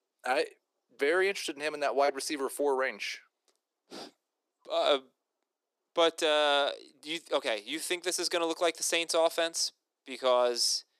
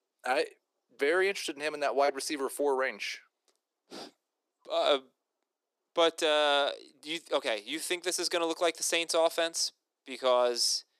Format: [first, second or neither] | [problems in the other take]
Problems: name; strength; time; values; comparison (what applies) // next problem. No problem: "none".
neither | thin; very; fading below 300 Hz; the same in both